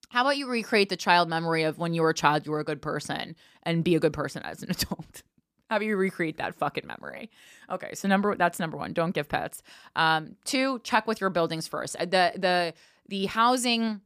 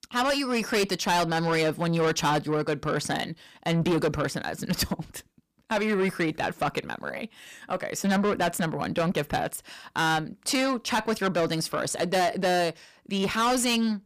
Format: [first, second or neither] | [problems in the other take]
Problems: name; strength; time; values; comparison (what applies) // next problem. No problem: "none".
first | distortion; heavy; 7 dB below the speech